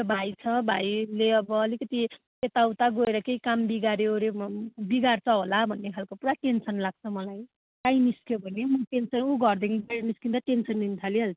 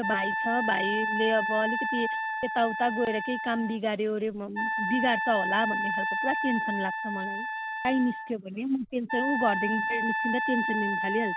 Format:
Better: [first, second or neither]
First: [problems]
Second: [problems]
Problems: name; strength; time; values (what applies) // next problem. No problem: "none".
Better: first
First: none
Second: background sound (Wind instrument, woodwind instrument); 1 dB below the speech